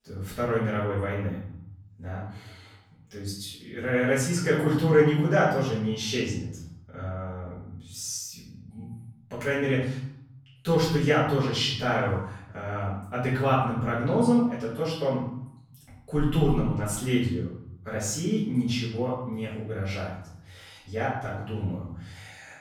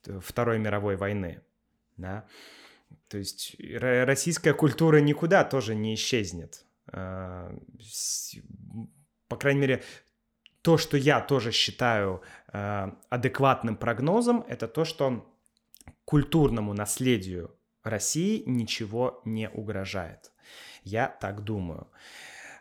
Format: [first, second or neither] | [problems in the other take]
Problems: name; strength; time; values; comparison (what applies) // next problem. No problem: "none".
second | room echo; noticeable; dies away in 0.8 s // off-mic speech; far